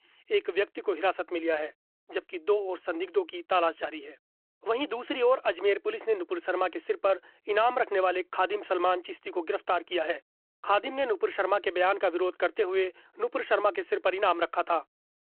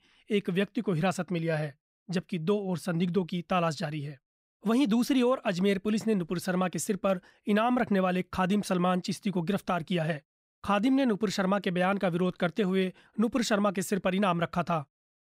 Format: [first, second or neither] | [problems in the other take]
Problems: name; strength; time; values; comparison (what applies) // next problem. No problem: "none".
second | phone-call audio